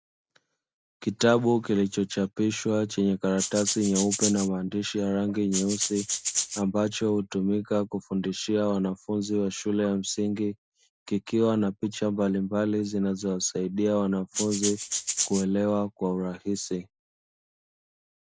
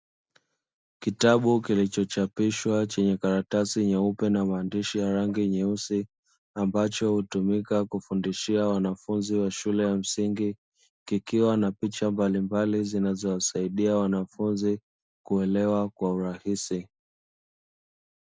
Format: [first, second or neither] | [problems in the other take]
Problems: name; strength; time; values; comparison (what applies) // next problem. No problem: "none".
second | background sound (Rattle (instrument)); 3 dB below the speech